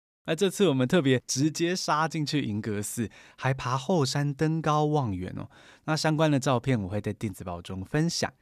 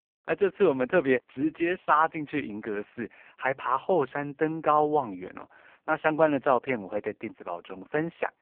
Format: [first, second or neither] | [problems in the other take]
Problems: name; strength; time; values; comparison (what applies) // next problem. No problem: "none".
first | phone-call audio; poor line